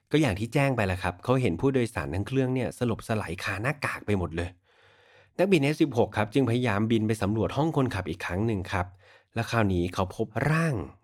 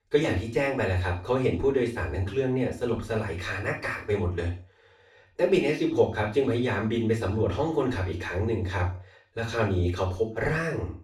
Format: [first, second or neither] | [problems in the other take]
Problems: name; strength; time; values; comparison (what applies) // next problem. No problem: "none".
first | room echo; slight; dies away in 0.4 s // off-mic speech; far